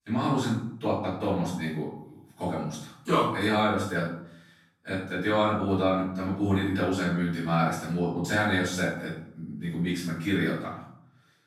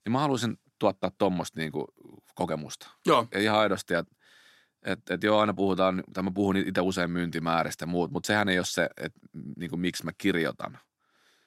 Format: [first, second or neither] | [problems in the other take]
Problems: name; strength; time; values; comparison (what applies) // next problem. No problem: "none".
second | room echo; noticeable; dies away in 0.6 s // off-mic speech; far